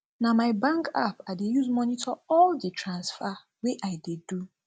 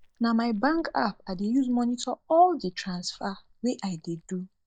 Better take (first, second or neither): first